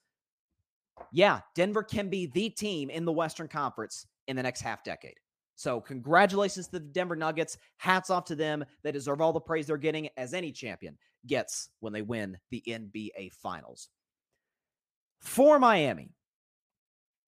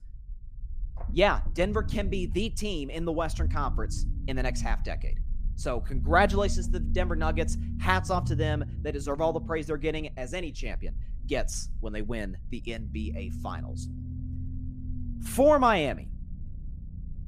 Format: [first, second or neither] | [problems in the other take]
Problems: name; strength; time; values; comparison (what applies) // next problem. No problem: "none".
first | low rumble; faint; throughout; 20 dB below the speech